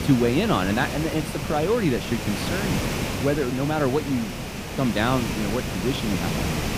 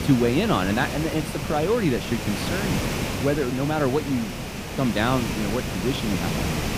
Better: neither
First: hiss; loud; throughout; 4 dB below the speech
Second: hiss; loud; throughout; 4 dB below the speech

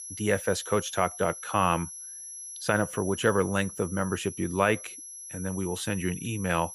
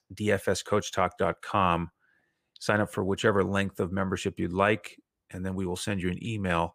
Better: second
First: high-pitched whine; noticeable; throughout; 11 kHz, 10 dB below the speech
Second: none

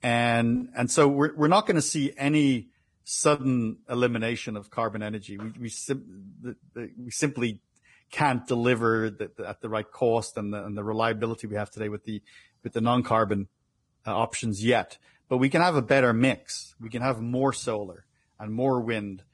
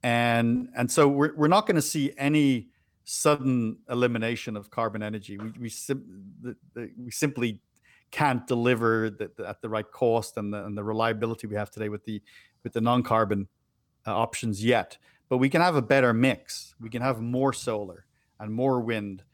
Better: second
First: garbled, watery; badly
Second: none

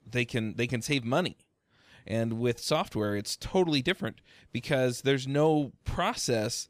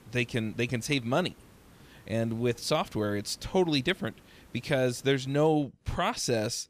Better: first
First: none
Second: hiss; faint; until 5.5 s; 25 dB below the speech

